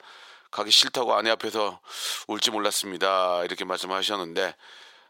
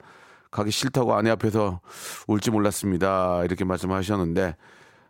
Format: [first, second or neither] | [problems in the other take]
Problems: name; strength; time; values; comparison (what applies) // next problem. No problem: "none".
second | thin; very; fading below 550 Hz